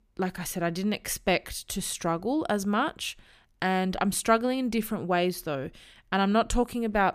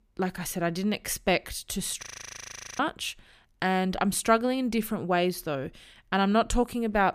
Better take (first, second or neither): first